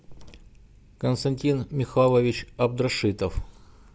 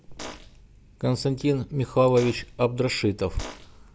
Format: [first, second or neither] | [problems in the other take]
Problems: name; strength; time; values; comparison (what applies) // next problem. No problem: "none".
first | background sound (Fart); 15 dB below the speech